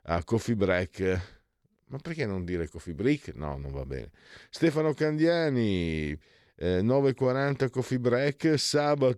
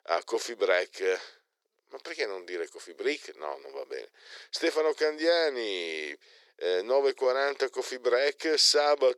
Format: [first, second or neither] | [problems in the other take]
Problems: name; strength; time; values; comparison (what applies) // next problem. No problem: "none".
first | thin; very; fading below 400 Hz